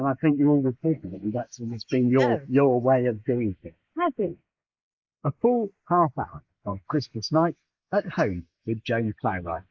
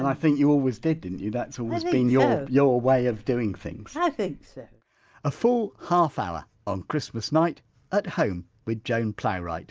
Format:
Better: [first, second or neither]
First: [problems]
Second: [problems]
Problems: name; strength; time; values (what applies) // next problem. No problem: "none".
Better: second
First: noise reduction (neural mask model Resemble Enhance denoiser)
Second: none